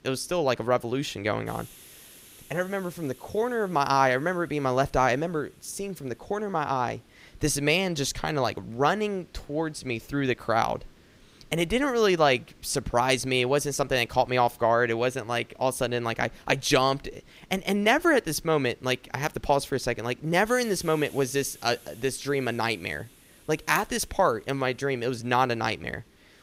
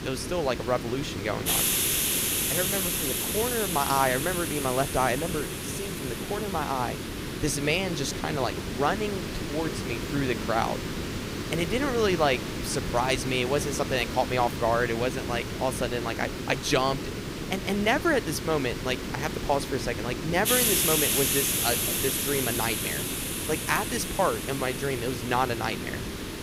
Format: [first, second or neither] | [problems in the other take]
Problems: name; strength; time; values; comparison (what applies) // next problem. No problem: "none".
first | hiss; loud; throughout; 1 dB below the speech; faint in the first